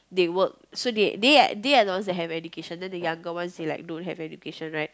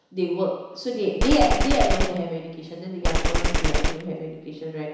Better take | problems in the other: first | background sound (Gunshot, gunfire); 3 dB above the speech // room echo; dies away in 1 s

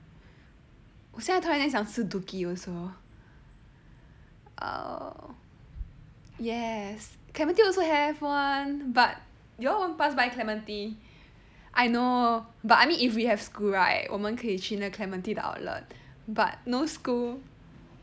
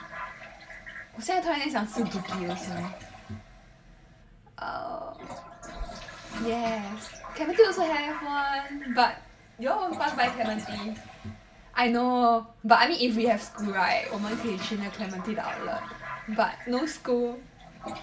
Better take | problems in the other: first | background sound (Toilet flush); 13 dB below the speech // room echo; dies away in 0.2 s

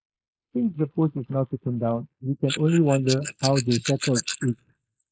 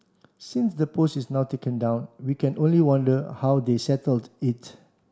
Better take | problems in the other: second | noise reduction (neural mask model Resemble Enhance denoiser)

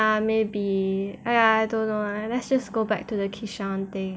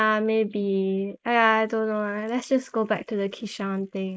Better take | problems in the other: first | noise reduction (neural mask model Resemble Enhance denoiser)

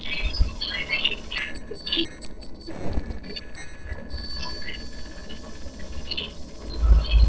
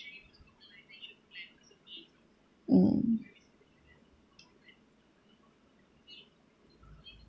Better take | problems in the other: second | noise reduction (neural separator model SepFormer DNS4)

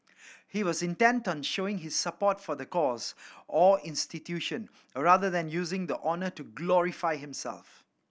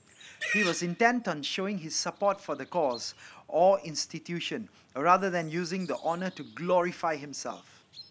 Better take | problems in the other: first | background sound (Livestock, farm animals, working animals); 13 dB below the speech

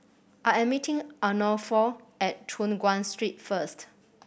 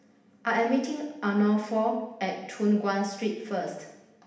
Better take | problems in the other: first | room echo; dies away in 0.8 s

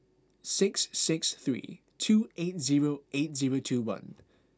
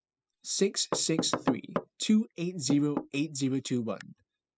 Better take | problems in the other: first | noise reduction (classical method spectral subtraction)

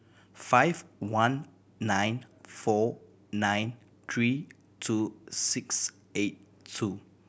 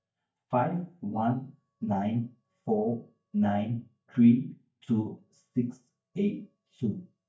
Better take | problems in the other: first | noise reduction (neural mask model DeepFilterNet 3)

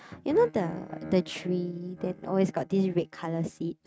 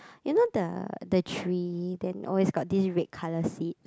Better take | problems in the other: second | noise reduction (neural mask model RNNoise)

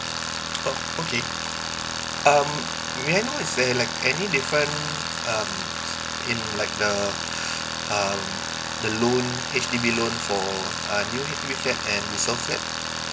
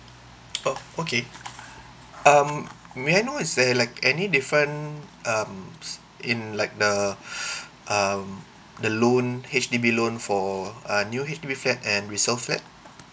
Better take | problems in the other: second | background sound (Tools); 2 dB below the speech

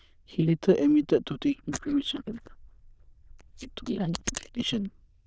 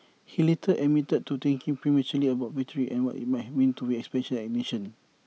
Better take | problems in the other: second | noise reduction (neural diffusion model UNIVERSE++)

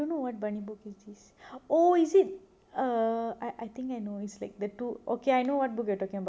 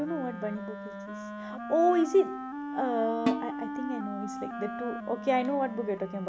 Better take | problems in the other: first | background sound (Wind instrument, woodwind instrument + Snare drum); 6 dB below the speech

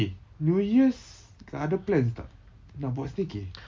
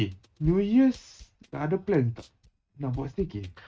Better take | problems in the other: first | noise reduction (neural mask model RNNoise)

